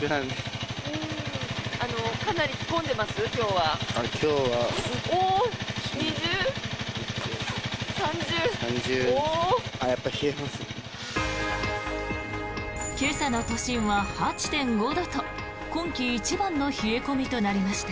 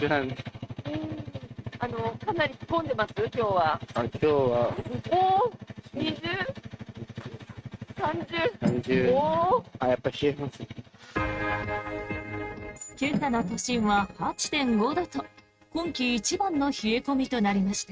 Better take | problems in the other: first | noise reduction (neural mask model RNNoise)

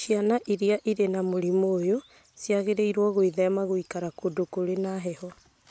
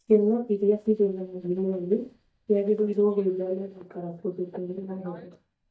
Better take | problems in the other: first | noise reduction (neural mask model DeepFilterNet 3)

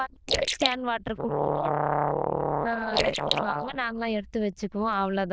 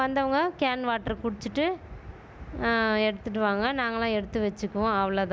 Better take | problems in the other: second | noise reduction (neural diffusion model UNIVERSE++)

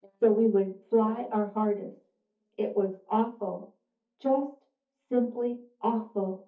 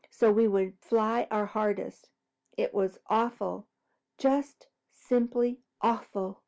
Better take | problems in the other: second | noise reduction (neural mask model DeepFilterNet 3)

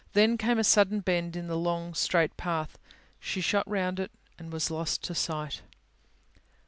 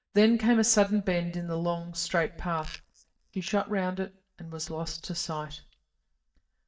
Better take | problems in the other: first | noise reduction (neural mask model DeepFilterNet 3)

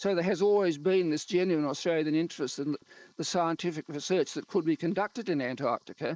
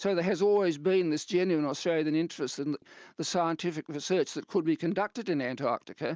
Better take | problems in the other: second | noise reduction (neural mask model Resemble Enhance denoiser)

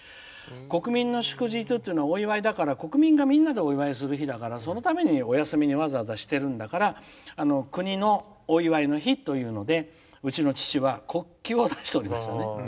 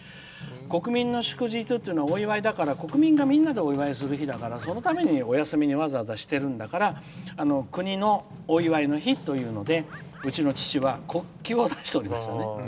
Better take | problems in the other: first | background sound (Bird + Run); 17 dB below the speech

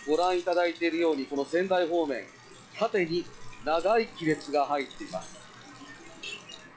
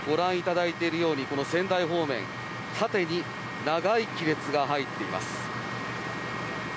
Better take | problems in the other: second | noise reduction (classical method log-MMSE)

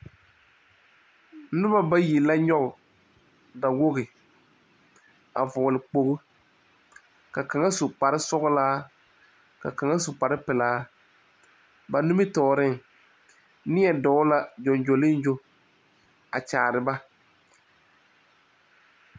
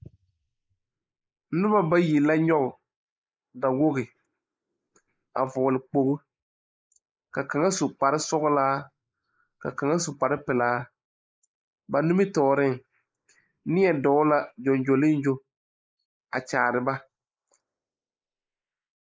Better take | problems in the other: first | noise reduction (neural mask model Resemble Enhance denoiser)

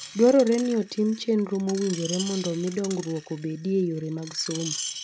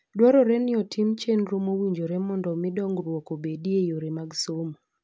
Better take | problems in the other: second | background sound (Screech); 13 dB below the speech

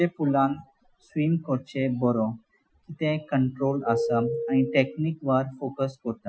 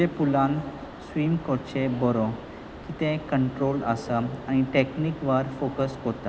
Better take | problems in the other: second | noise reduction (classical method Wiener filter)

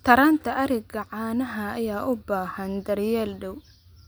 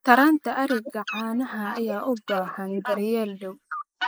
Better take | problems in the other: first | noise reduction (neural mask model Resemble Enhance denoiser)

